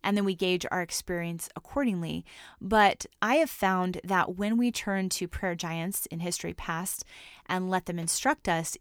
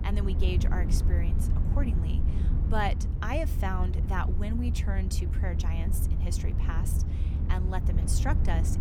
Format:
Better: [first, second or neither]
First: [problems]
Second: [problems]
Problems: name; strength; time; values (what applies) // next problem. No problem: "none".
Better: first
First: none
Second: low rumble; loud; throughout; 7 dB below the speech